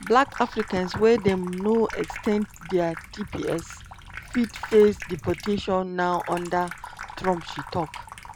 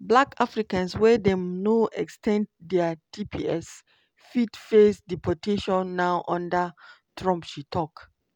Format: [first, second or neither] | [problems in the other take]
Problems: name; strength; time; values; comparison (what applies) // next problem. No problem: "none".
second | background sound (Sink (filling or washing) / Water tap, faucet); 14 dB below the speech